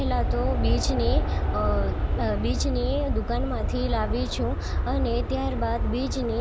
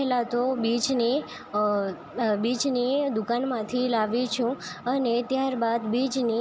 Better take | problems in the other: second | background sound (Aircraft); 3 dB above the speech

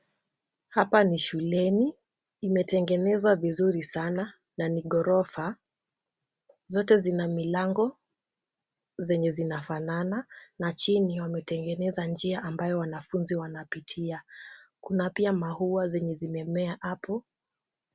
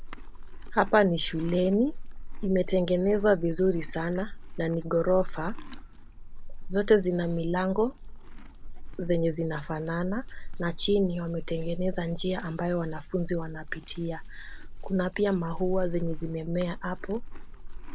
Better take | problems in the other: first | background sound (Livestock, farm animals, working animals); 6 dB below the speech

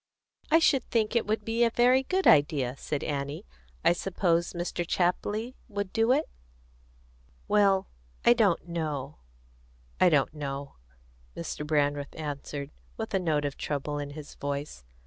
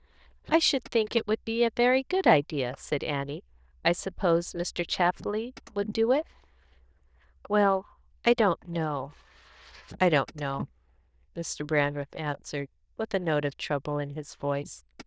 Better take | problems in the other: first | noise reduction (neural diffusion model UNIVERSE++)

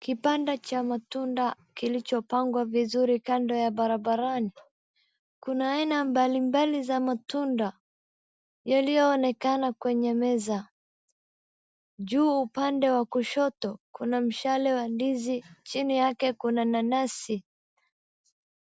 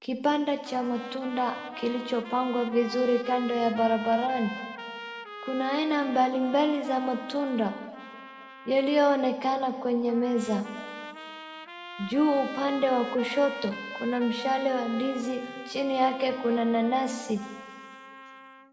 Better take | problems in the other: first | background sound (Trumpet); 14 dB below the speech // room echo; dies away in 1.9 s

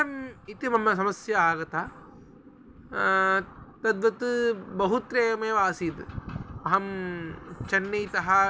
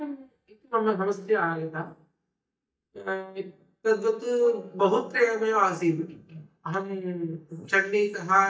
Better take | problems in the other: first | noise reduction (neural mask model DeepFilterNet 3)

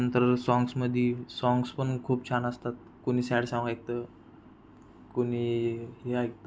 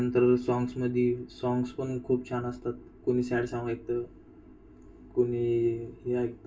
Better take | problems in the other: first | room echo; dies away in 0.2 s

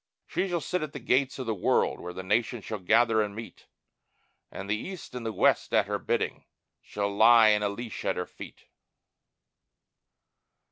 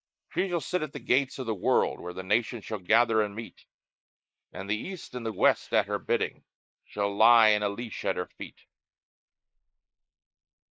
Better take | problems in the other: first | noise reduction (neural mask model Resemble Enhance denoiser)

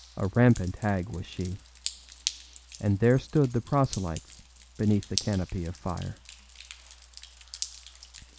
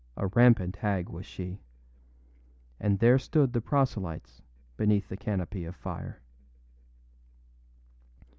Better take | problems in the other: second | background sound (Drip); 13 dB below the speech

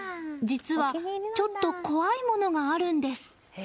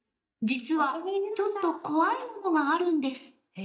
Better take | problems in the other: first | noise reduction (neural mask model DeepFilterNet 3)

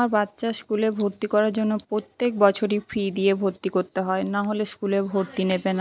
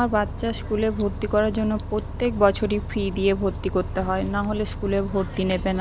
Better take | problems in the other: first | background sound (Bus); 8 dB below the speech

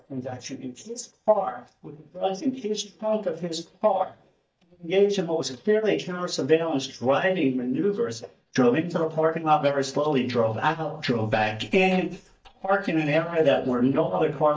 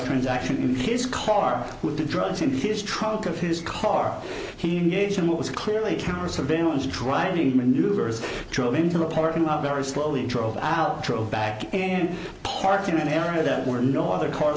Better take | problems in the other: second | noise reduction (neural mask model DeepFilterNet 3)

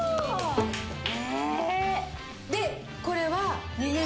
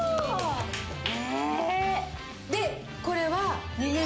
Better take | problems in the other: second | background sound (Bowed string instrument); 9 dB below the speech

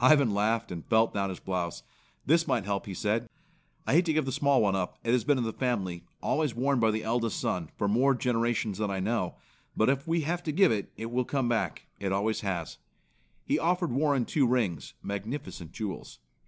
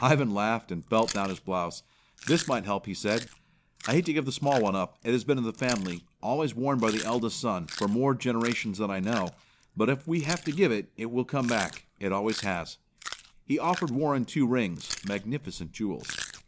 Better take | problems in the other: first | background sound (Chewing, mastication); 15 dB below the speech

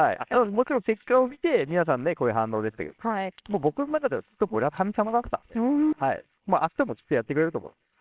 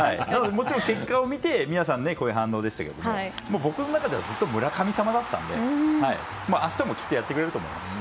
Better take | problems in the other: second | noise reduction (neural separator model SepFormer WHAMR!)

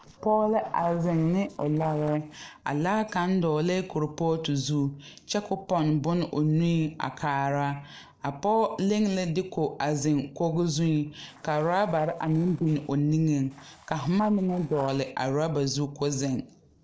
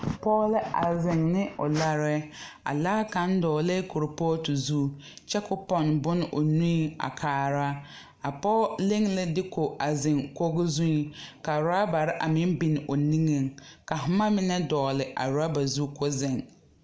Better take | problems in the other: second | noise reduction (neural separator model SepFormer DNS4)

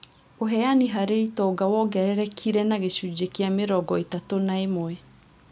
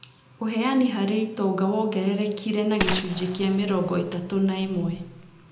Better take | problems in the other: first | background sound (Gunshot, gunfire); 10 dB below the speech // room echo; dies away in 0.7 s

